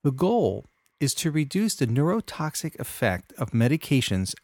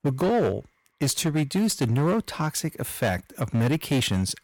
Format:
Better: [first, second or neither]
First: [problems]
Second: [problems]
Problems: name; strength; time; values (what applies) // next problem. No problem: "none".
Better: first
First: none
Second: distortion; slight; 13% of the sound clipped